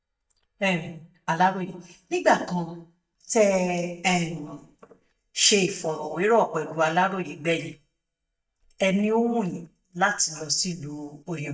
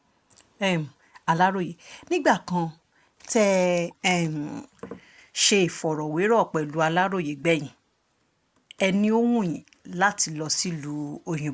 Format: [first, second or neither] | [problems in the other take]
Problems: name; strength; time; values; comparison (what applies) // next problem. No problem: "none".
second | noise reduction (neural mask model DeepFilterNet 3)